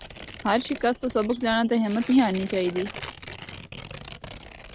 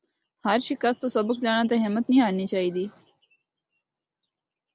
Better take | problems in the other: second | background sound (Tearing); 14 dB below the speech

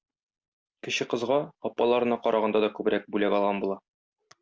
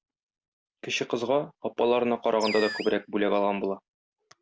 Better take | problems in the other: first | background sound (Animal); 11 dB below the speech

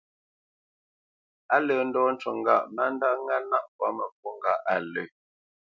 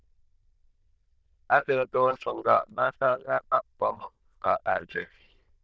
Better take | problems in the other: first | noise reduction (neural diffusion model UNIVERSE++)

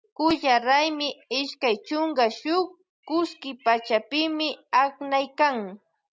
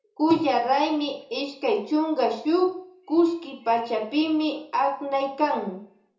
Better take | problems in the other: first | room echo; dies away in 0.6 s

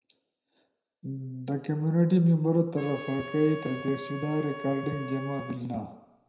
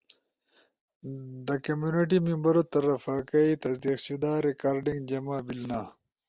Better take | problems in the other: second | background sound (Trumpet); 13 dB below the speech // room echo; dies away in 0.7 s

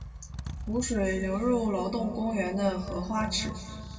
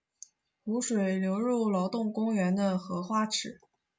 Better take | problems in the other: second | background sound (Motorcycle); 10 dB below the speech // room echo; dies away in 2.3 s

